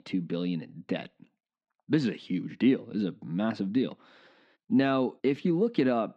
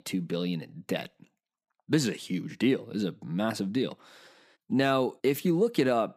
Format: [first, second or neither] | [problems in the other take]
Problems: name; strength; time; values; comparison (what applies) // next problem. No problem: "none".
second | muffled; very slightly; fading above 4 kHz